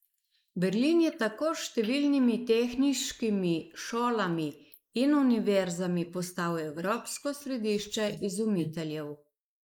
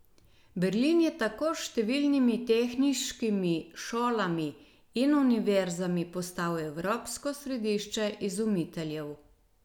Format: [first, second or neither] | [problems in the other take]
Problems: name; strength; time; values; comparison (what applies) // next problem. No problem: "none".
second | noise reduction (neural mask model Resemble Enhance denoiser)